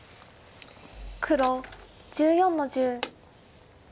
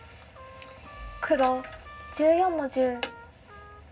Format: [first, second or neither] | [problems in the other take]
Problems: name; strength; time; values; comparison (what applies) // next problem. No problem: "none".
first | background sound (Trumpet); 20 dB below the speech // room echo; dies away in 0.4 s